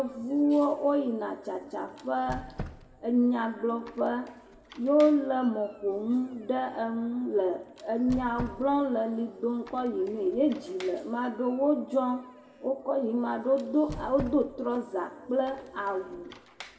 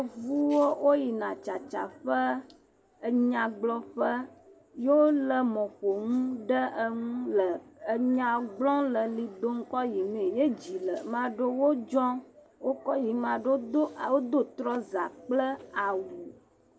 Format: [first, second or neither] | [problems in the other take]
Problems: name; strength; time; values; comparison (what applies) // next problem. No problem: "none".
second | background sound (Squeak); 19 dB below the speech // room echo; dies away in 1.5 s